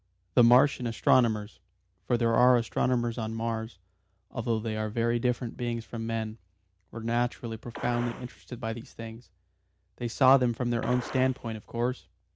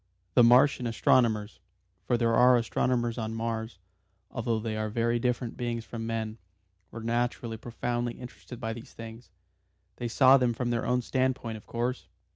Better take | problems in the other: second | background sound (Gunshot, gunfire); 15 dB below the speech

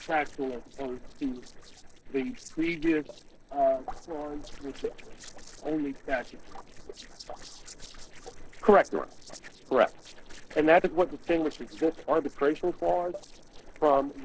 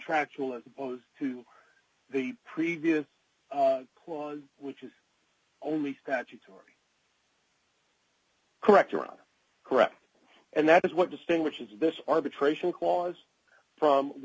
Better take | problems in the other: second | noise reduction (neural separator model SepFormer DNS4)

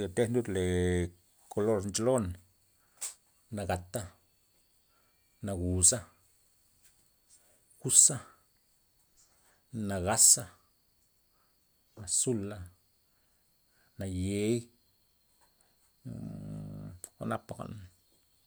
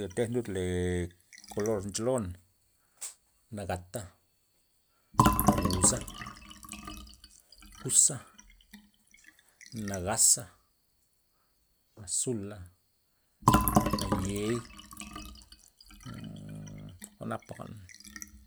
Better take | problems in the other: first | background sound (Fill (with liquid)); 1 dB below the speech

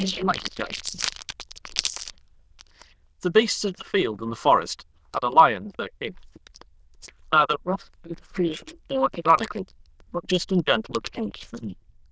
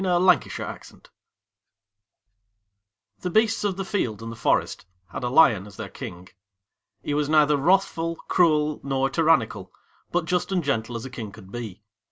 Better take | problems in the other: second | noise reduction (neural diffusion model UNIVERSE++)

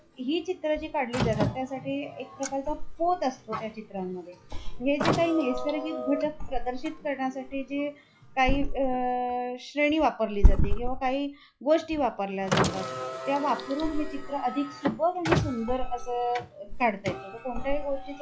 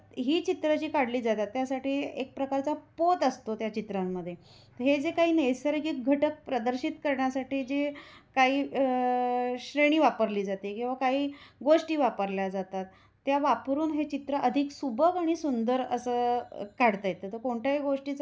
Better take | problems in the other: second | noise reduction (classical method log-MMSE)

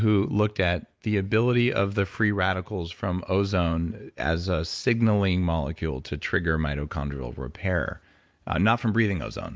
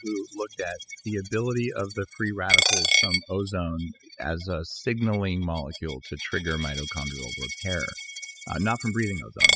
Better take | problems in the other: first | noise reduction (classical method spectral subtraction)

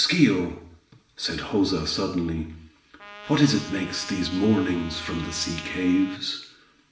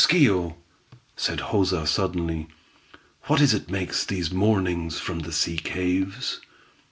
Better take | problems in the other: second | background sound (Trumpet); 16 dB below the speech // room echo; dies away in 0.7 s

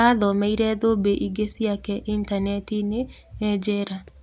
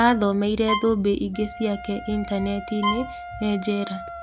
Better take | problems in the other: first | background sound (Wind instrument, woodwind instrument + Bowed string instrument); 9 dB below the speech

